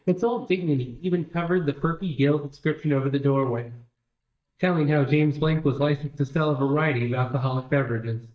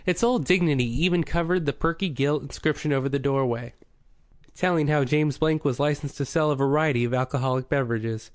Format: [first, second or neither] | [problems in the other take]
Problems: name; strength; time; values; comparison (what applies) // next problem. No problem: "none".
second | noise reduction (neural mask model DeepFilterNet 3)